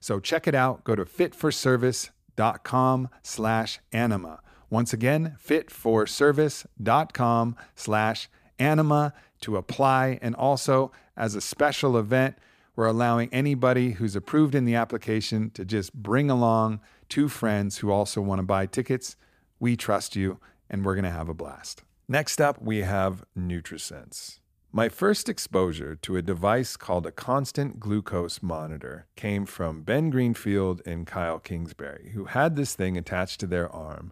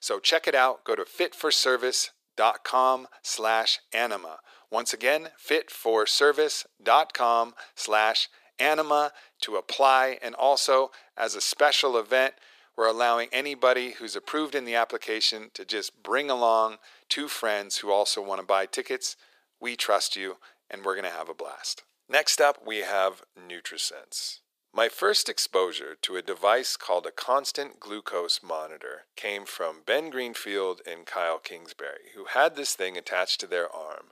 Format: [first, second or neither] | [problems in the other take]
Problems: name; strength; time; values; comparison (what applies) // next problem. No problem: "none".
first | thin; very; fading below 450 Hz